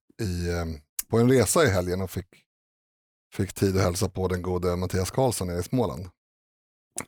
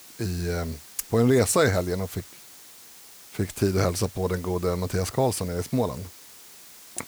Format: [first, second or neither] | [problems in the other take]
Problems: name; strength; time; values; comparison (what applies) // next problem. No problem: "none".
first | hiss; noticeable; throughout; 20 dB below the speech